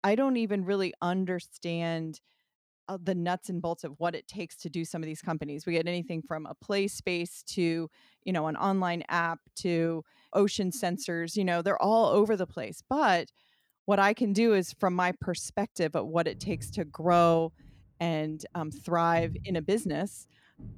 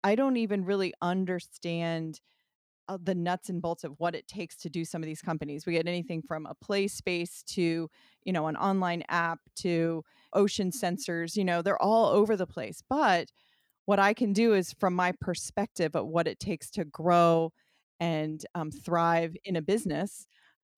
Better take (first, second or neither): second